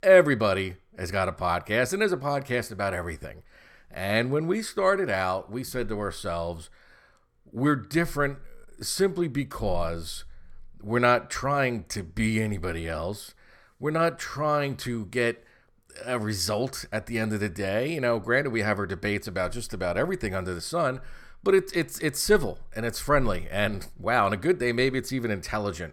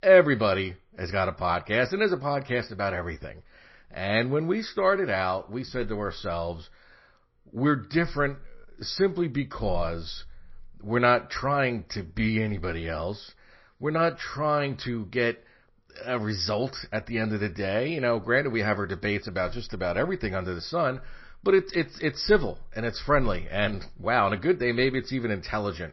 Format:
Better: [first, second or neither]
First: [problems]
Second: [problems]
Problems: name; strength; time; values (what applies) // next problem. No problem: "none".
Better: first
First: none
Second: garbled, watery; slightly; nothing above 5.5 kHz